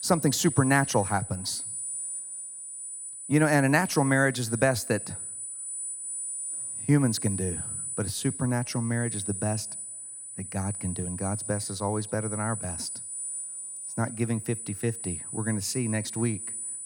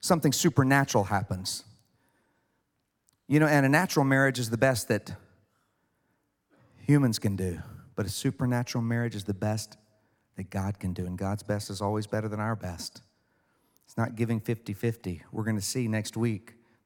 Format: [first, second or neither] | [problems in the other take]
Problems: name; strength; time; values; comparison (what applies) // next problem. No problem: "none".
second | high-pitched whine; loud; throughout; 9.5 kHz, 6 dB below the speech